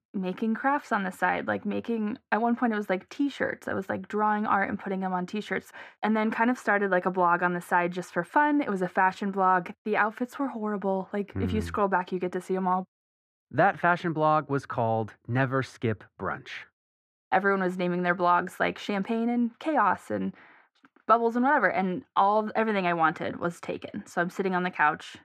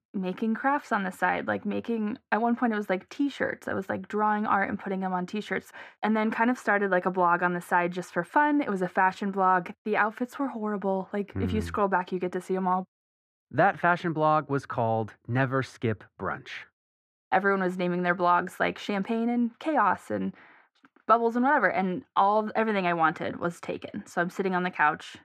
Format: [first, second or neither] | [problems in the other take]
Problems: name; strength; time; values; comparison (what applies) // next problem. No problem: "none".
neither | muffled; slightly; fading above 3.5 kHz; the same in both